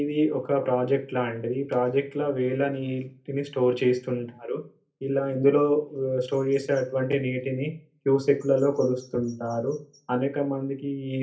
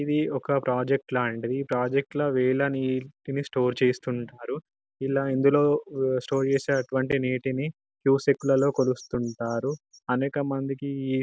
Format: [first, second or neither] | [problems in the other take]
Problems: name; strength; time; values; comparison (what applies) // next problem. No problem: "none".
second | room echo; dies away in 0.3 s